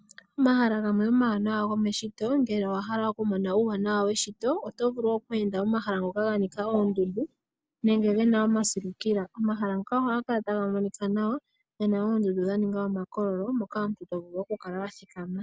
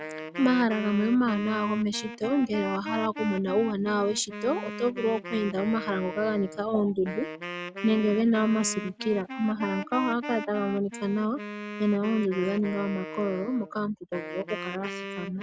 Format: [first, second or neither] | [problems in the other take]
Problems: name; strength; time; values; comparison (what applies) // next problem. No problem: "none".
first | background sound (Wind instrument, woodwind instrument); 10 dB below the speech